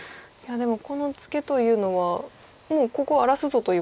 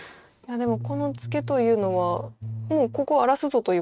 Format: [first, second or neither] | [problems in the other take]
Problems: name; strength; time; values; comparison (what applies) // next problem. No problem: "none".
first | noise reduction (neural mask model RNNoise)